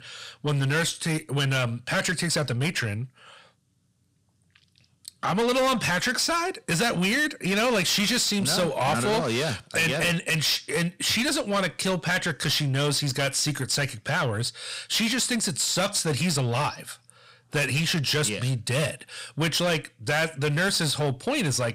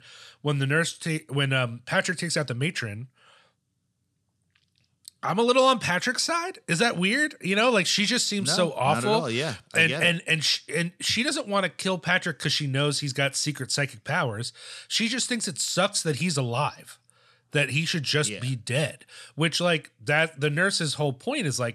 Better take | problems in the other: second | distortion; heavy; 7 dB below the speech

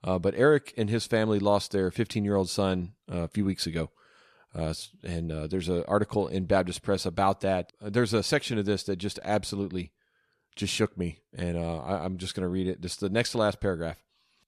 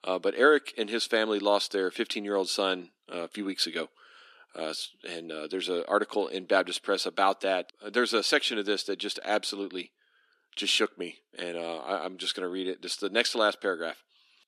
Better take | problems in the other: first | thin; somewhat; fading below 250 Hz

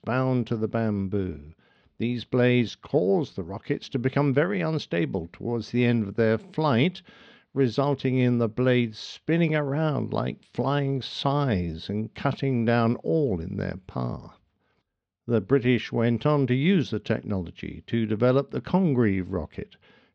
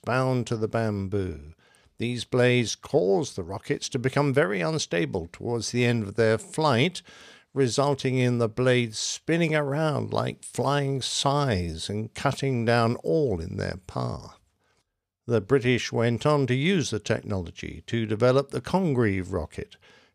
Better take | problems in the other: second | muffled; slightly; fading above 4 kHz

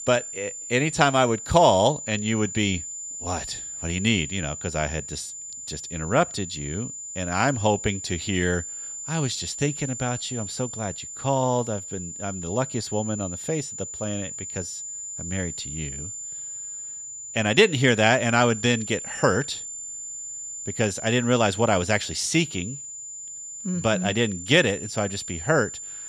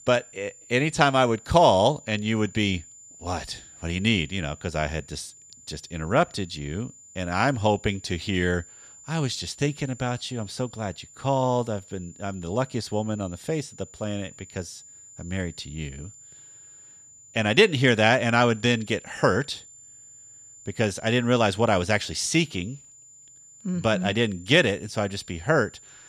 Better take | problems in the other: second | high-pitched whine; loud; throughout; 7 kHz, 9 dB below the speech; faint in the second

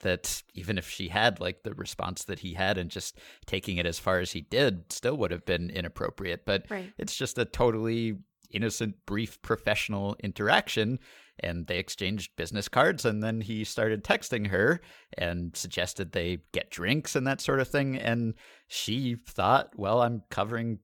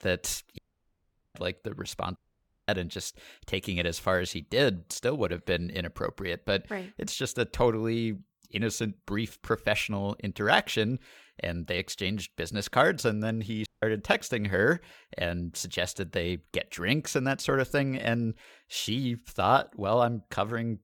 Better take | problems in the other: first | audio cutting out; at 0.5 s for 1 s, at 2 s for 0.5 s and at 14 s

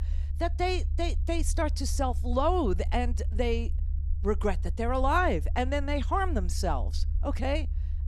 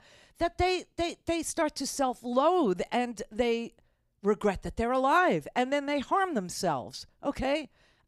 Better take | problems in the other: second | low rumble; faint; throughout; 20 dB below the speech

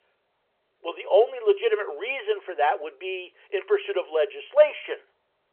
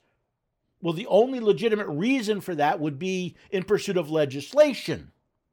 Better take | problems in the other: second | phone-call audio

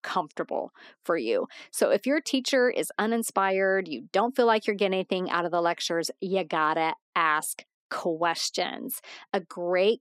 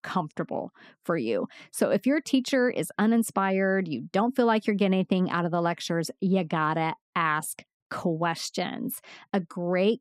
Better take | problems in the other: second | thin; somewhat; fading below 400 Hz

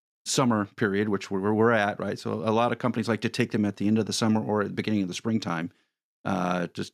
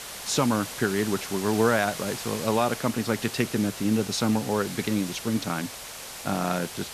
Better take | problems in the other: first | hiss; loud; throughout; 9 dB below the speech

